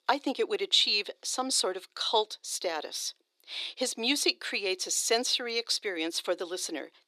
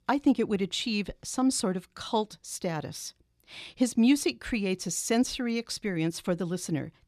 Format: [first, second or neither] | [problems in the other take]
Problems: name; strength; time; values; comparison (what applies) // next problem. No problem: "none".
second | thin; very; fading below 350 Hz